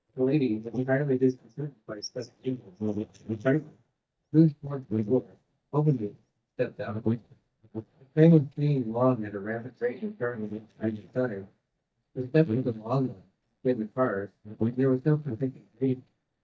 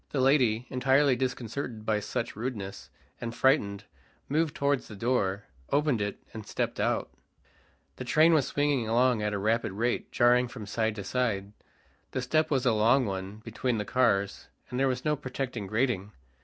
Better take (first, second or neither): second